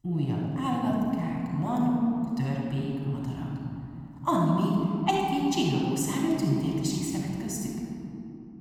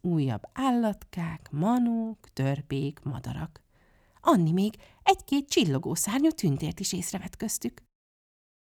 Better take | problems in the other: second | room echo; strong; dies away in 3 s // off-mic speech; far

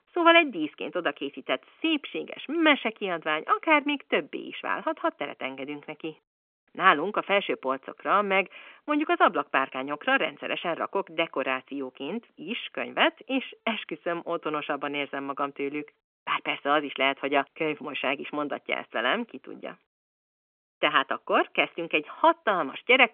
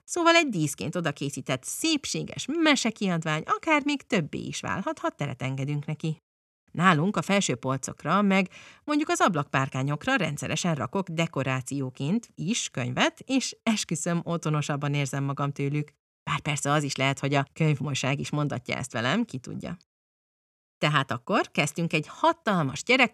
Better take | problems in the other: second | phone-call audio; nothing above 3 kHz

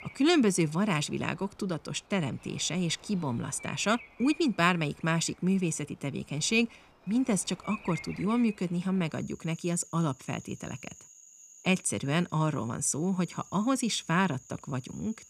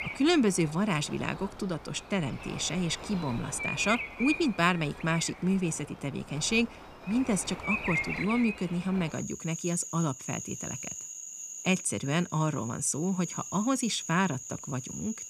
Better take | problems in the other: first | animal sounds; loud; throughout; 8 dB below the speech; faint in the first

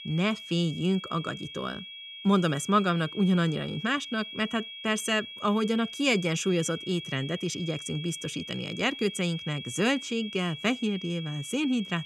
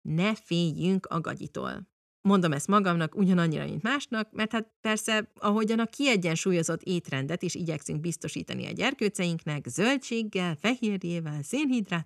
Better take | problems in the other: second | high-pitched whine; noticeable; throughout; 3.5 kHz, 10 dB below the speech

